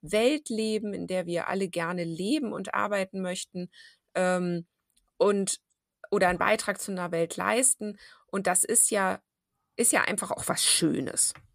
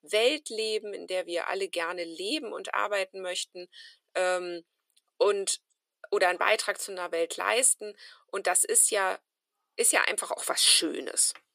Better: first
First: none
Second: thin; very; fading below 400 Hz

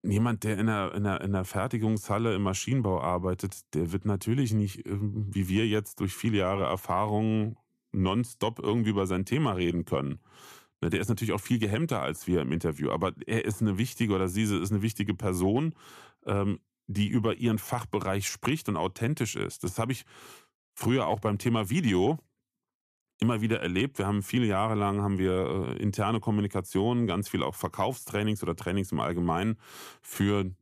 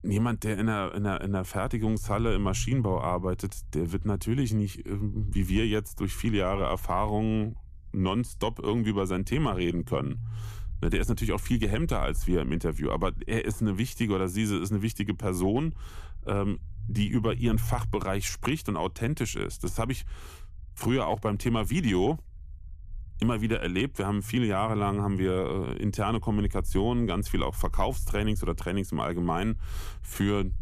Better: first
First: none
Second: low rumble; faint; throughout; 25 dB below the speech

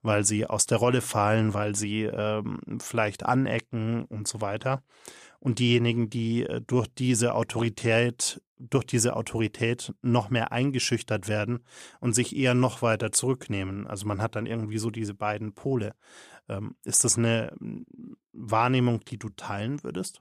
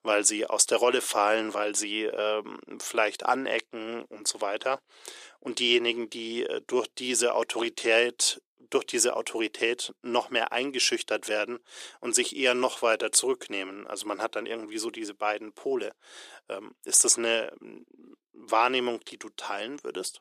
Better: first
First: none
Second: thin; very; fading below 350 Hz

